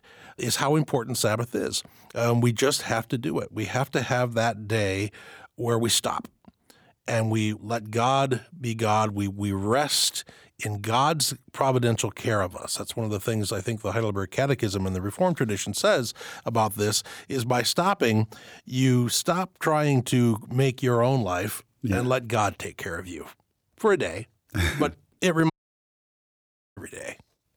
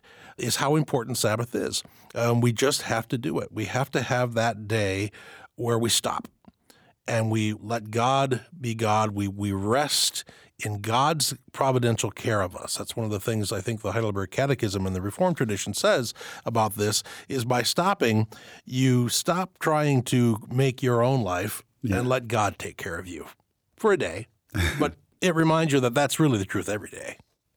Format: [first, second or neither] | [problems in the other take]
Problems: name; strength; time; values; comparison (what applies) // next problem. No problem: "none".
second | audio cutting out; at 26 s for 1.5 s